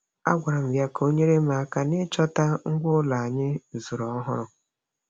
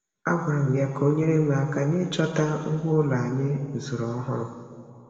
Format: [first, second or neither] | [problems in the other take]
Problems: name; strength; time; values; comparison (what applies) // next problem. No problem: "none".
first | room echo; dies away in 2 s